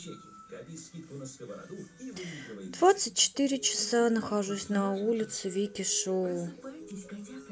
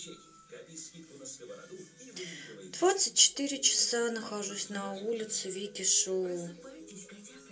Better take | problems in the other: first | room echo; dies away in 0.2 s

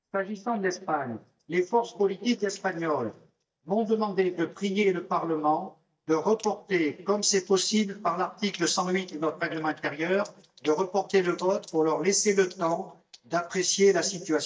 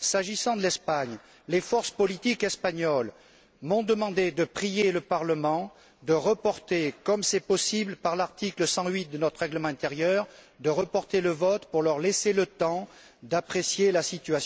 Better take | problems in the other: second | noise reduction (neural mask model DeepFilterNet 3)

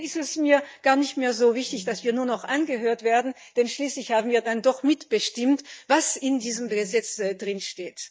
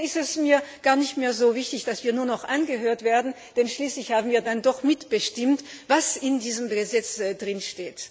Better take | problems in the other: second | noise reduction (neural mask model DeepFilterNet 3)

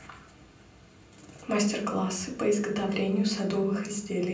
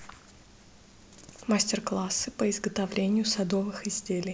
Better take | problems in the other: second | room echo; dies away in 0.6 s

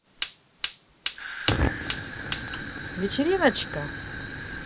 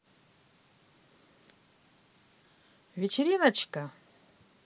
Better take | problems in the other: second | background sound (Fire); 1 dB below the speech

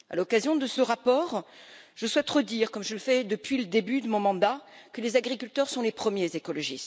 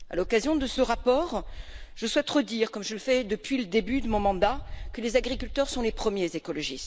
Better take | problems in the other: first | background sound (Dog); 11 dB below the speech

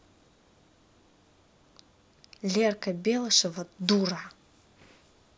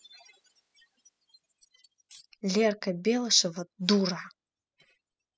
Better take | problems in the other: first | noise reduction (classical method spectral subtraction)

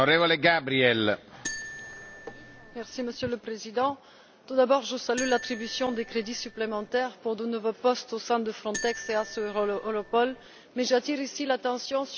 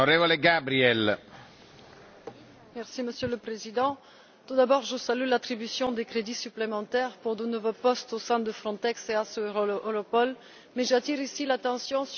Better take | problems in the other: second | background sound (Marimba, xylophone); 13 dB below the speech

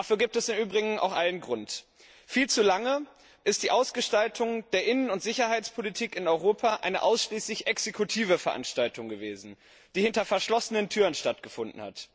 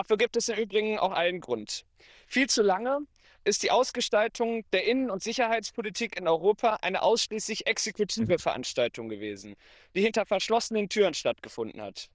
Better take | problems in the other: first | noise reduction (neural diffusion model UNIVERSE++)

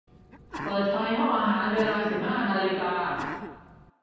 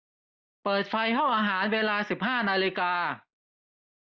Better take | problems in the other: second | background sound (Sneeze); 13 dB below the speech // room echo; dies away in 1.2 s

